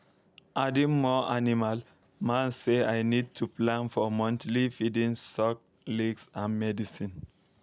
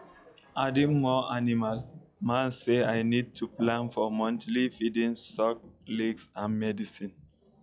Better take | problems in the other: first | noise reduction (classical method log-MMSE)

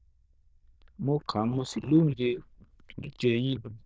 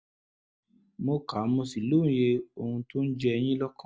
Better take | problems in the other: second | noise reduction (neural diffusion model UNIVERSE++)

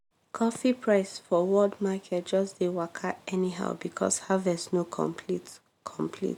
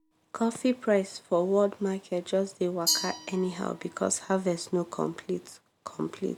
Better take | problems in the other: first | background sound (Glass); 11 dB below the speech

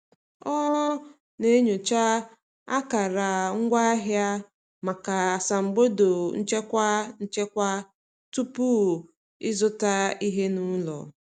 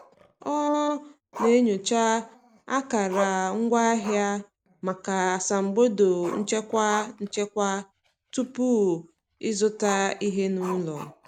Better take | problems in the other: first | background sound (Growling); 15 dB below the speech

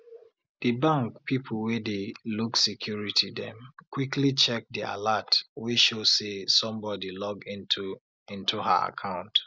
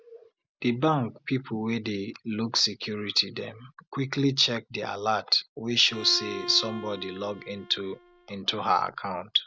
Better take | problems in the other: first | background sound (Bowed string instrument); 14 dB below the speech

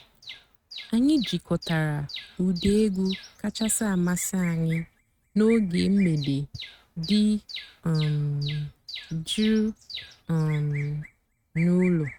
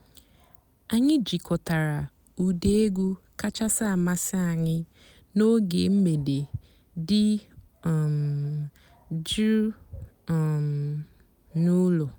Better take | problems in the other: second | noise reduction (neural mask model RNNoise)

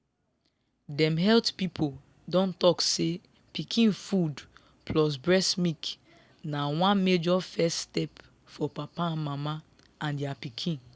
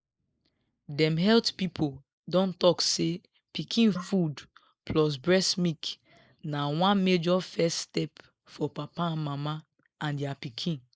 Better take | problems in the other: first | noise reduction (neural mask model Resemble Enhance denoiser)

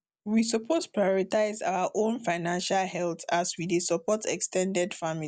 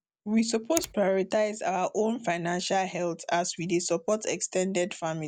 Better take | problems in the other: first | background sound (Finger snapping); 14 dB below the speech

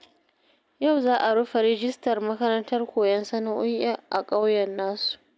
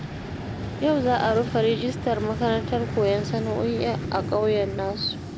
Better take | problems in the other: first | background sound (Vehicle); 5 dB below the speech

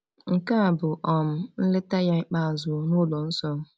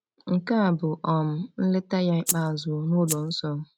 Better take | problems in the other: first | noise reduction (neural mask model RNNoise)

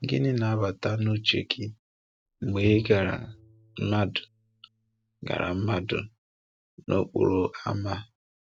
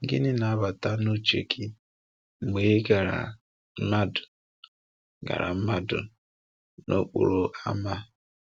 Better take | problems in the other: second | noise reduction (neural mask model RNNoise)

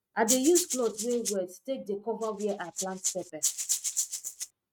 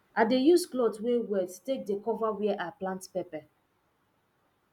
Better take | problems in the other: second | noise reduction (neural mask model RNNoise)

